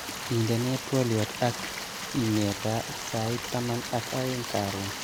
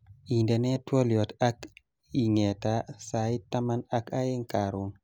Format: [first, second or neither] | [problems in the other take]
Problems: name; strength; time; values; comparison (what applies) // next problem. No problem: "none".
second | background sound (Stream); 6 dB below the speech